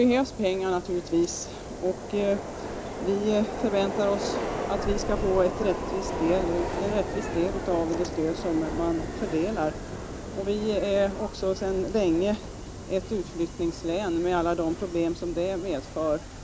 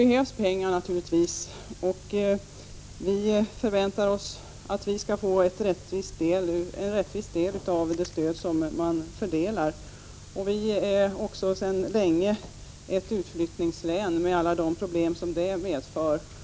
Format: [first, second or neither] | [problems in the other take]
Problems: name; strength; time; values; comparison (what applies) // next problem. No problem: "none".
second | background sound (Subway, metro, underground); 7 dB below the speech